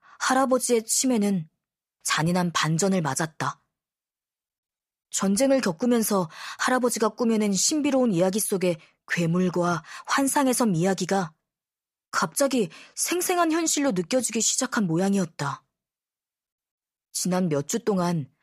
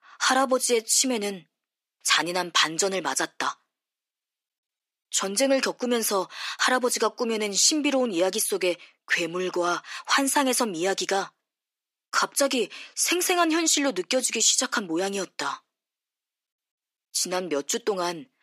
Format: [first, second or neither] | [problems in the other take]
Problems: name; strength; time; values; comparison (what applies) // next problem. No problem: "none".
first | thin; very slightly; fading below 300 Hz